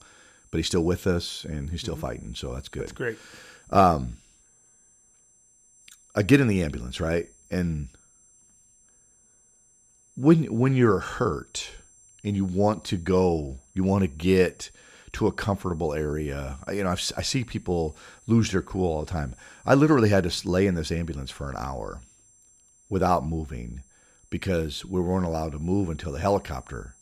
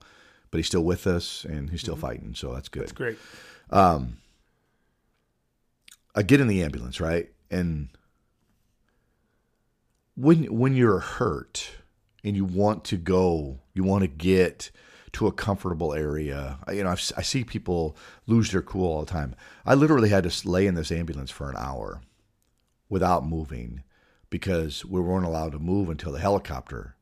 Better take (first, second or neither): second